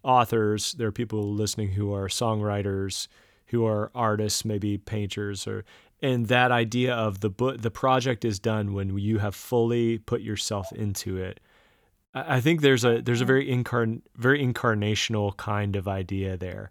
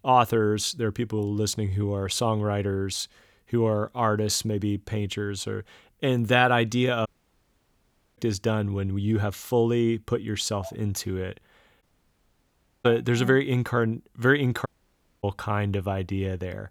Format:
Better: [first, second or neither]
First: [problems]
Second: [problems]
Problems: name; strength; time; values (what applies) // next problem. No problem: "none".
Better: first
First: none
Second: audio cutting out; at 7 s for 1 s, at 12 s for 1 s and at 15 s for 0.5 s